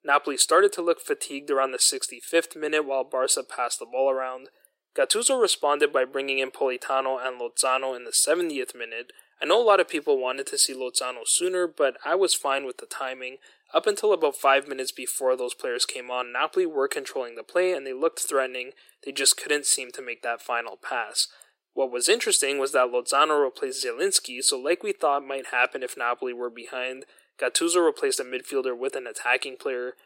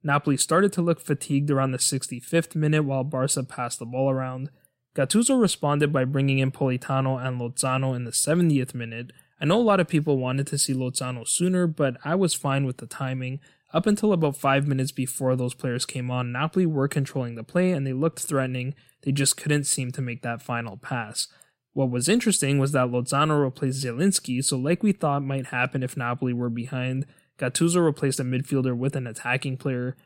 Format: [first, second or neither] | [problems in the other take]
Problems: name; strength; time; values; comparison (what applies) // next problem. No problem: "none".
second | thin; very; fading below 350 Hz